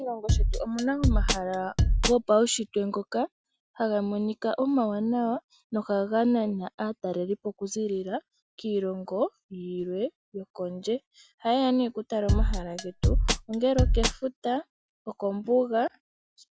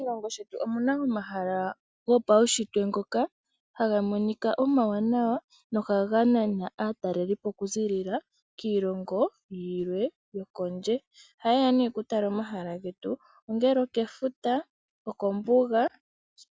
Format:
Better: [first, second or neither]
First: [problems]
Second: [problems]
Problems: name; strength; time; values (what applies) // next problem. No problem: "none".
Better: second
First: background sound (Drum kit); 4 dB above the speech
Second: none